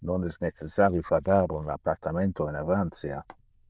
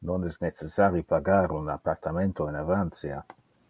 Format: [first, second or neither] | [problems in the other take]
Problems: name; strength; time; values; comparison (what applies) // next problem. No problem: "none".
second | noise reduction (neural diffusion model UNIVERSE++)